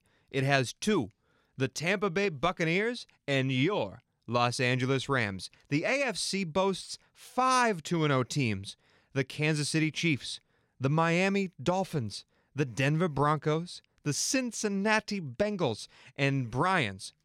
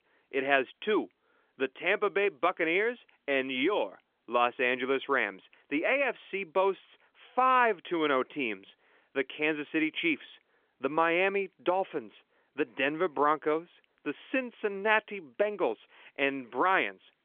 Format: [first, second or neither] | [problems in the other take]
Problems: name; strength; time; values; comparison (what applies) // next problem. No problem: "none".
first | phone-call audio; nothing above 3.5 kHz